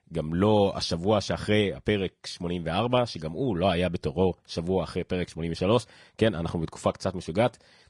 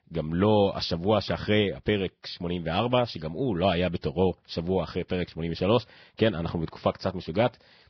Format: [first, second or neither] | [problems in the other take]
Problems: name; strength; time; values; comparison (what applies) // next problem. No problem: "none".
first | garbled, watery; badly; nothing above 5 kHz; slightly in the first